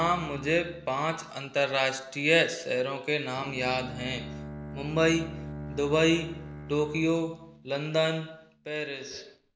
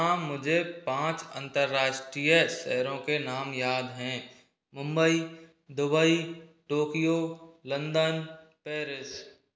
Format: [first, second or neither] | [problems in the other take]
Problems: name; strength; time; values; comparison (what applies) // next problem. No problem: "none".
second | background sound (Bowed string instrument); 14 dB below the speech